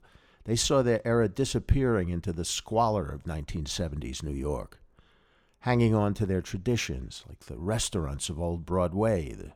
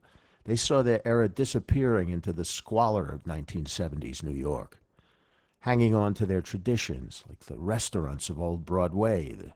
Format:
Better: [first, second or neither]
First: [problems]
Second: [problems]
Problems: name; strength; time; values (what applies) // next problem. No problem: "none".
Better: first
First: none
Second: garbled, watery; slightly; nothing above 19 kHz